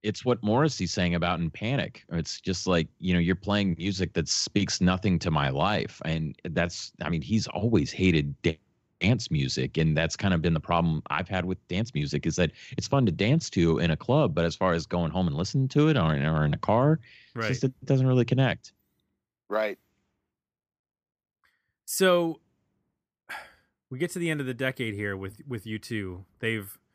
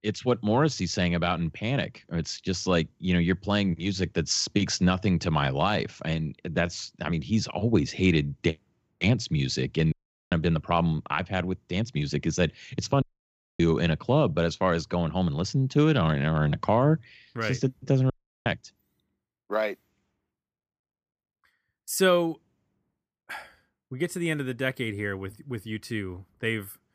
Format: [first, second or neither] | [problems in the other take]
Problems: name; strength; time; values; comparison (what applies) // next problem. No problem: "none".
first | audio cutting out; at 10 s, at 13 s for 0.5 s and at 18 s